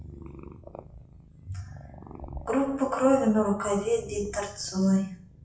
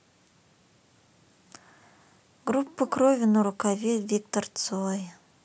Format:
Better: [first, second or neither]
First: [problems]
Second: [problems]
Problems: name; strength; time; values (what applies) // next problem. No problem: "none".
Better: second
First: noise reduction (classical method WPE with log-MMSE)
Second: none